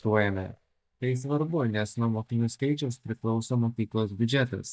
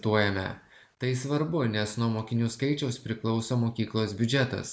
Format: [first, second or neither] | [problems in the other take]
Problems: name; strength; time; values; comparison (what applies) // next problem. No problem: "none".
second | noise reduction (neural mask model DeepFilterNet 3)